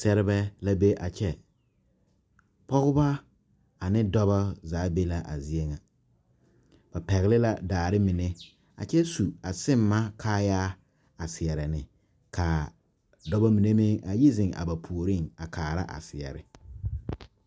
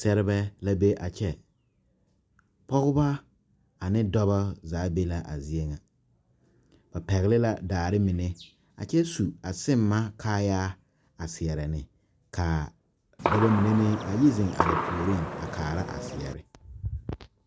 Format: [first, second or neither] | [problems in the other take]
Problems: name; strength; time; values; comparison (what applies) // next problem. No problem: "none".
first | background sound (Gunshot, gunfire); 3 dB below the speech